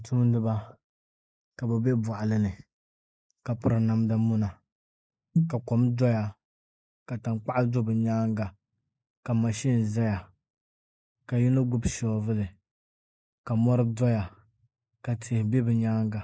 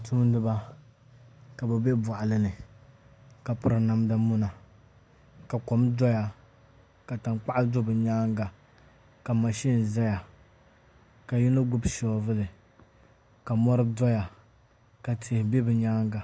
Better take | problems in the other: second | noise reduction (neural mask model Resemble Enhance denoiser)

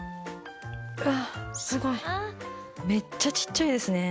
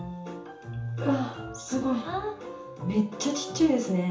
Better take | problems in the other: first | room echo; dies away in 0.7 s

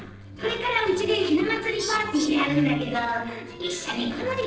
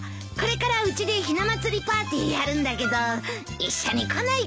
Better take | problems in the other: second | noise reduction (neural separator model SepFormer DNS4)

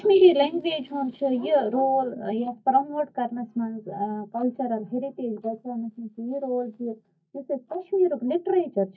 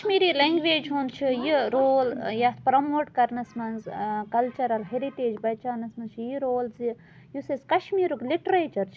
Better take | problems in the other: second | noise reduction (neural mask model DeepFilterNet 3)

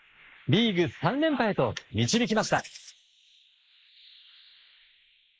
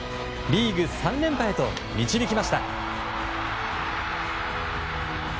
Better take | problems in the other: second | noise reduction (neural mask model Resemble Enhance denoiser)

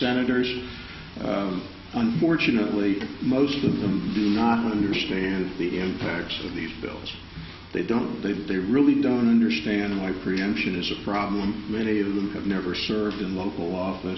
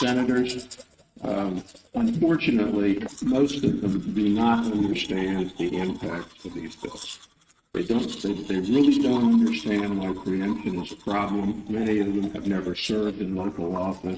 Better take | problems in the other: first | noise reduction (neural mask model RNNoise)

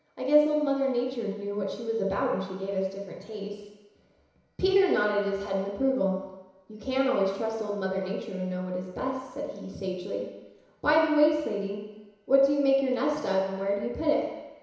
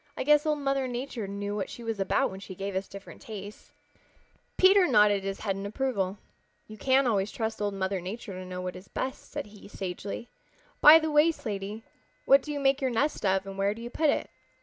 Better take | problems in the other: second | room echo; dies away in 1 s

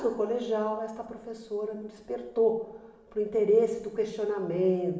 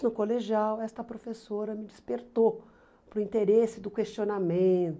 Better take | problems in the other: second | room echo; dies away in 1.1 s

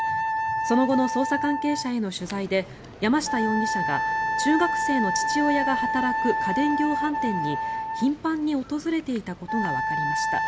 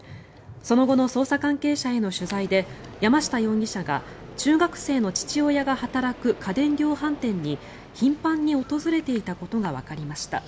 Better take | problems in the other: second | background sound (Wind instrument, woodwind instrument); 1 dB below the speech

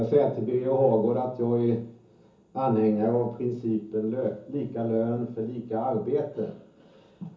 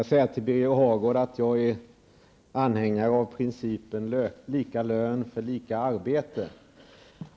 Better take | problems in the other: second | room echo; dies away in 0.6 s

